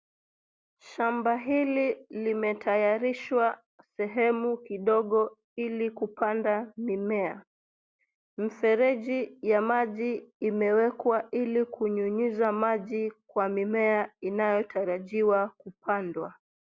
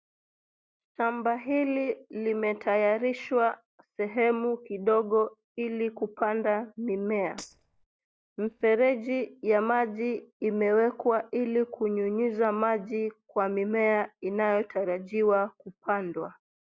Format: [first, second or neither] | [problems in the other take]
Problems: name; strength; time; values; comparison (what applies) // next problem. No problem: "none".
first | noise reduction (neural mask model DeepFilterNet 3)